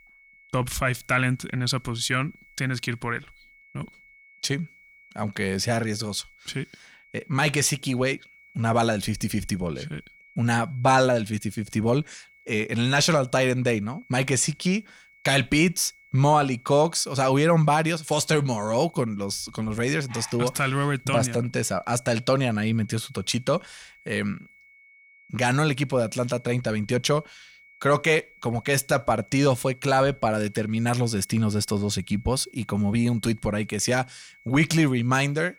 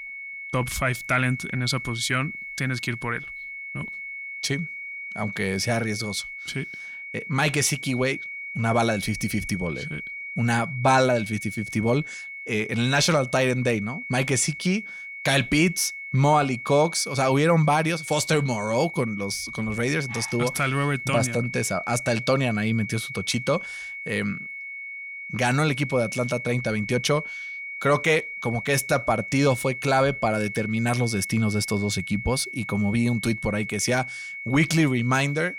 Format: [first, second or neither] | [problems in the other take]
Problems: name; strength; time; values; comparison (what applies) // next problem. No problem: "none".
first | high-pitched whine; loud; throughout; 2 kHz, 9 dB below the speech; faint in the first